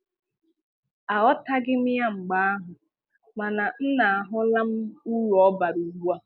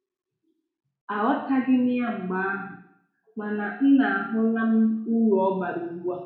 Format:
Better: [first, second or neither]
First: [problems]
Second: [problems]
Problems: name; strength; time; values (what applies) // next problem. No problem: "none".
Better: first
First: none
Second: room echo; dies away in 0.6 s